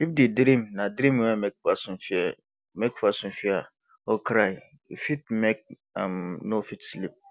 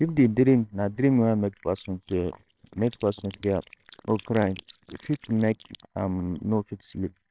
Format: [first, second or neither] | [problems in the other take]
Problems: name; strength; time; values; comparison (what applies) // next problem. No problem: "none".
first | noise reduction (neural separator model SepFormer WHAMR!)